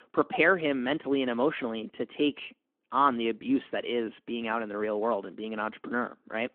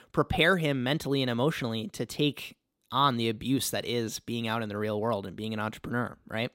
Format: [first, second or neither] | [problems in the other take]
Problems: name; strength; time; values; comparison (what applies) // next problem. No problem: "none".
second | phone-call audio